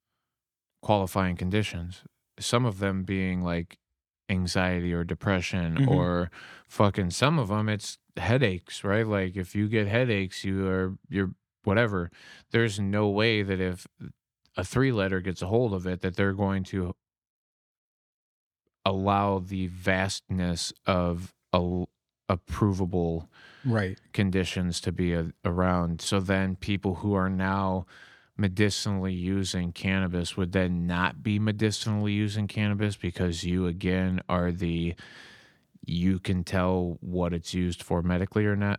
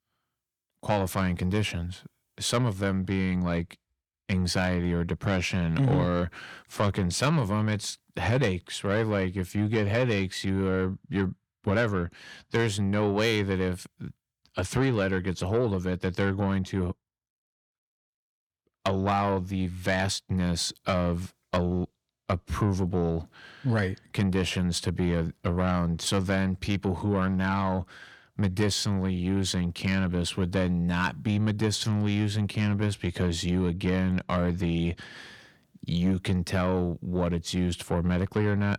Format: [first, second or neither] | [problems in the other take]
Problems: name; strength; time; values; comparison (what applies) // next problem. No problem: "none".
first | distortion; slight; 10 dB below the speech